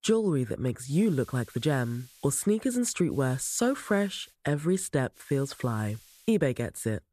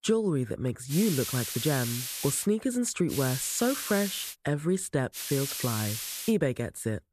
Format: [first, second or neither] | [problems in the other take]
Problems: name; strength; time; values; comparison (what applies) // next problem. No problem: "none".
first | hiss; loud; from 1 to 2.5 s, from 3 to 4.5 s and from 5 to 6.5 s; 4 dB below the speech; faint in the first